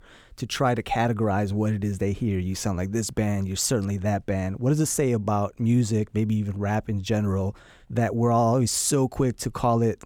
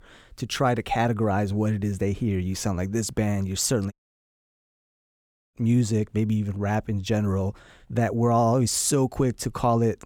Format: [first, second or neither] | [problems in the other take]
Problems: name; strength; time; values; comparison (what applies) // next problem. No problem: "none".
first | audio cutting out; at 4 s for 1.5 s